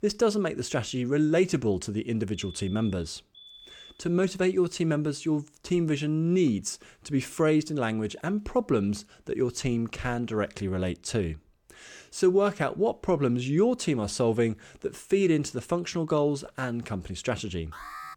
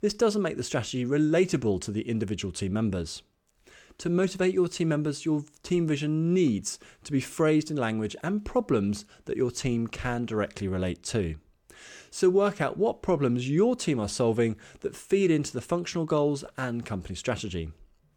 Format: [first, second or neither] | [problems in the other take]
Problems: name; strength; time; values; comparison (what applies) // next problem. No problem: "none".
second | alarm; faint; from 2.5 to 4 s and at 18 s; peak 15 dB below the speech